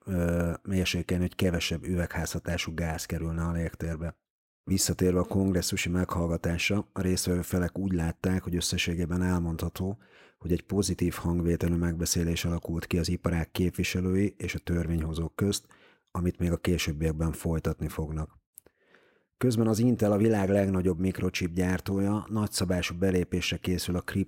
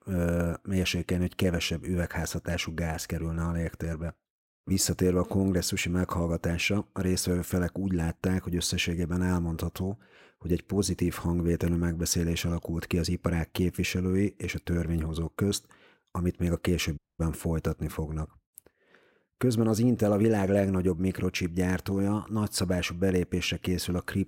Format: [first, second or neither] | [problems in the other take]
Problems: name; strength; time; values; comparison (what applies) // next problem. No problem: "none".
first | audio cutting out; at 17 s